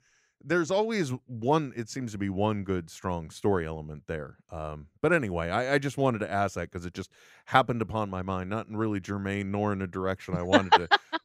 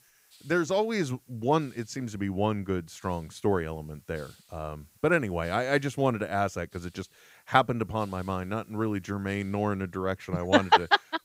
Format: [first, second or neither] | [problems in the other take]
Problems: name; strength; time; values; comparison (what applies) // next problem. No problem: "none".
first | hiss; faint; throughout; 30 dB below the speech